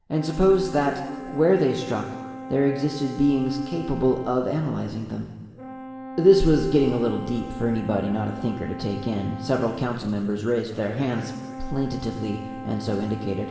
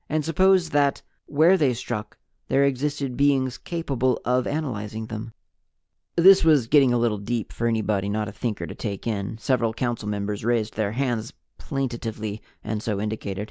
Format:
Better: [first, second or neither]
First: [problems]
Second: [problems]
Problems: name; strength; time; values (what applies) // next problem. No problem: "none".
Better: second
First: background sound (Brass instrument); 13 dB below the speech // room echo; dies away in 1.9 s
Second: none